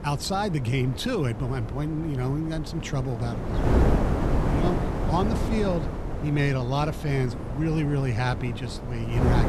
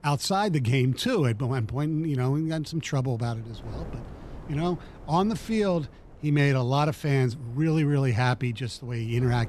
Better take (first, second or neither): second